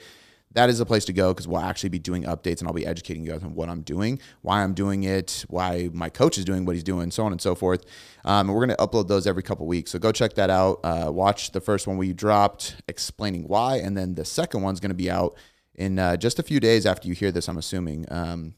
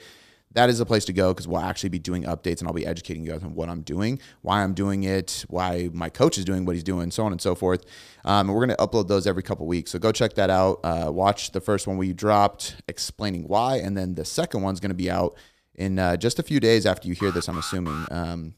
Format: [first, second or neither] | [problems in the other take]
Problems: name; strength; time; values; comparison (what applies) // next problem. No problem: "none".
first | alarm; noticeable; at 17 s; peak 9 dB below the speech